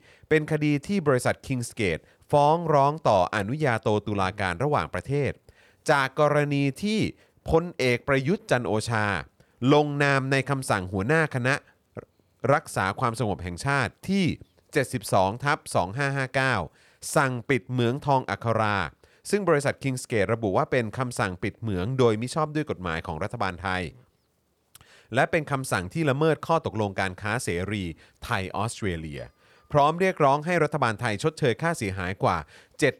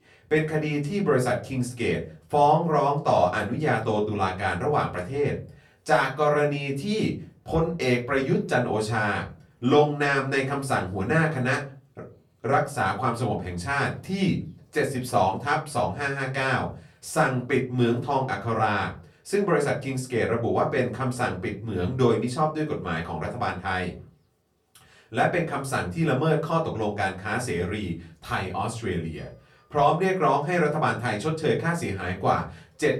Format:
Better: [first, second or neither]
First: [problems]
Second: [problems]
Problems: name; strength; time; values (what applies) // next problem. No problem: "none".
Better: first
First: none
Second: off-mic speech; far // room echo; very slight; dies away in 0.3 s